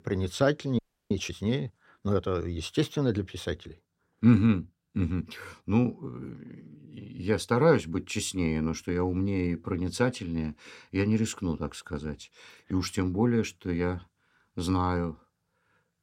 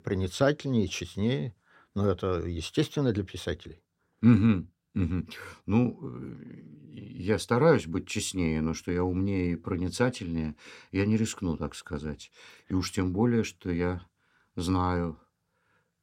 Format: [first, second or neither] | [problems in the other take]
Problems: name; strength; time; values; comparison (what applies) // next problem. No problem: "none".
second | audio freezing; at 1 s